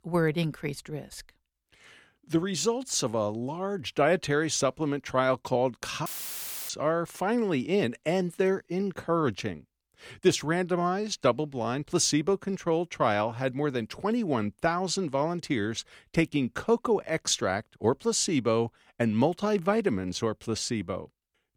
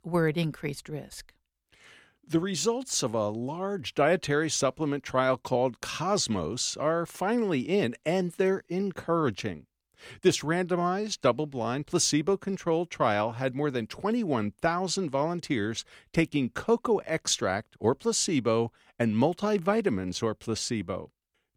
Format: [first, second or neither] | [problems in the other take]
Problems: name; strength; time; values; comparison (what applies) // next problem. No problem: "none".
second | audio cutting out; filled with static; at 6 s for 0.5 s